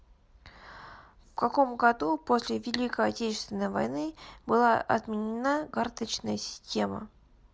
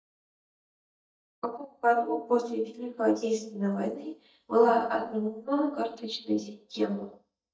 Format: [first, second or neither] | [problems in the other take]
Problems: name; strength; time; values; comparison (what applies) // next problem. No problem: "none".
first | noise reduction (neural mask model DeepFilterNet 3)